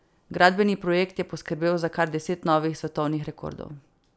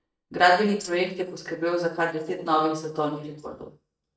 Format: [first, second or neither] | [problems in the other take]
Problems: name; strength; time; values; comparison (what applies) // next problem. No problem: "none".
first | noise reduction (neural mask model DeepFilterNet 3)